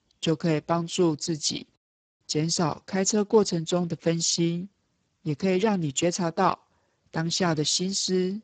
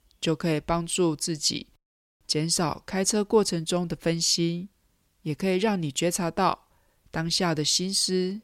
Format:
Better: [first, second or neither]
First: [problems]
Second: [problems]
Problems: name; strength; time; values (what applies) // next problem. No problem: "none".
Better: second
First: garbled, watery; badly; nothing above 7.5 kHz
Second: none